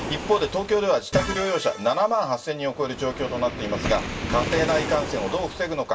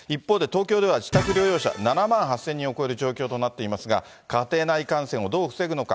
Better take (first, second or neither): second